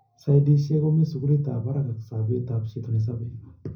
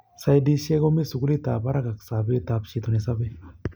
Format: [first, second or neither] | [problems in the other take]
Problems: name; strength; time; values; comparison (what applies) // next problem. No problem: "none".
second | room echo; dies away in 0.4 s